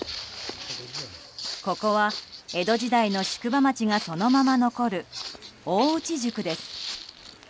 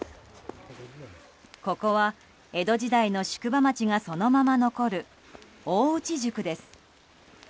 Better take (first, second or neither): second